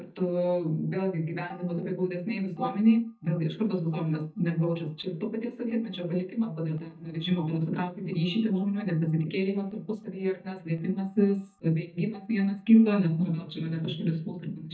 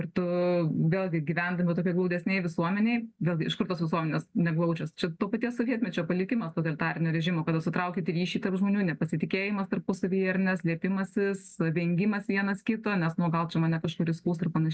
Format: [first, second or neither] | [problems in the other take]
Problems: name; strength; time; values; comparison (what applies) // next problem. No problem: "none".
second | noise reduction (neural mask model DeepFilterNet 3)